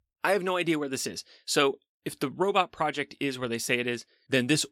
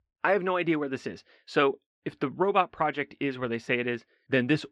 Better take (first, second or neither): first